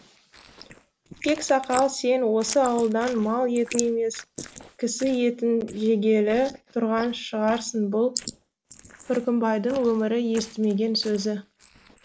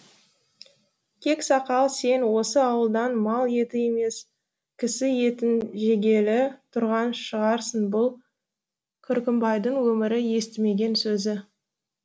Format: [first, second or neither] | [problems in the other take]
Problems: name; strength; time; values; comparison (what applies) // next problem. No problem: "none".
second | noise reduction (neural mask model Resemble Enhance denoiser)